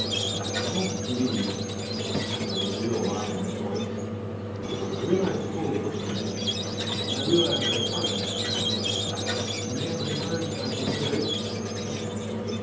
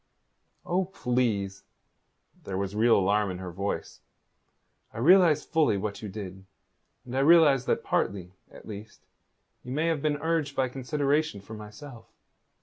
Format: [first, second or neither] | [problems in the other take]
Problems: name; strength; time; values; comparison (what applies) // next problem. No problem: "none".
second | background sound (Squeak); 3 dB above the speech // room echo; dies away in 0.9 s